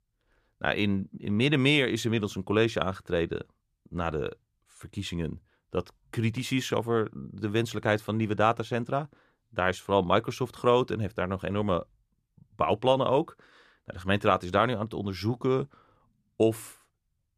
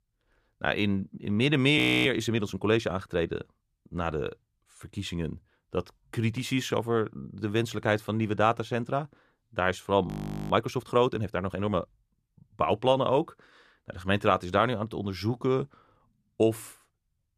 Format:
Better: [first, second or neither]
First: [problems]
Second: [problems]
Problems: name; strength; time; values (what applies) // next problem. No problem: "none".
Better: first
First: none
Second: audio freezing; at 2 s and at 10 s